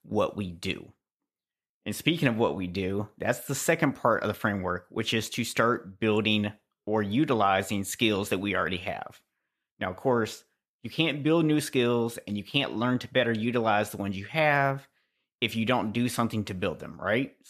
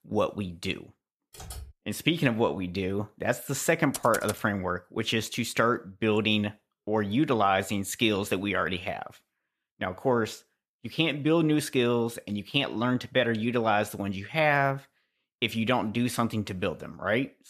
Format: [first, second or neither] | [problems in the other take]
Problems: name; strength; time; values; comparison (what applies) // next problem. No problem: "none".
first | keyboard typing; faint; at 1.5 s; peak 15 dB below the speech // keyboard typing; noticeable; at 4 s; peak 8 dB below the speech